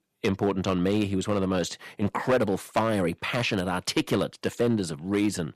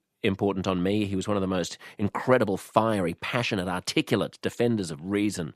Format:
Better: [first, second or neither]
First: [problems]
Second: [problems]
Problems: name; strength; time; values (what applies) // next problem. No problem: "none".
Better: second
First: distortion; slight; 3% of the sound clipped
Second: none